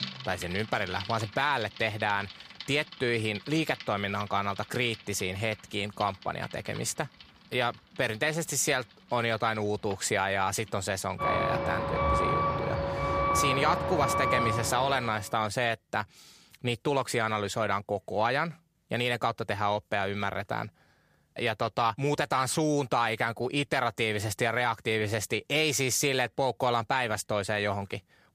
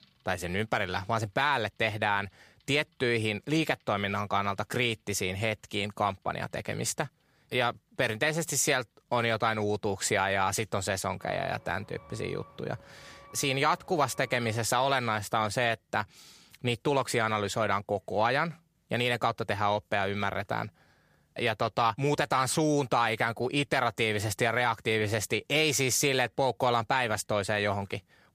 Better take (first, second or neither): second